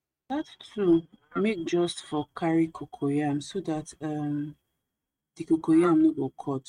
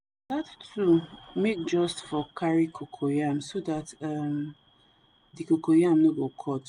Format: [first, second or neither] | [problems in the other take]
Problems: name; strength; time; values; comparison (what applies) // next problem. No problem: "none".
second | noise reduction (neural mask model RNNoise)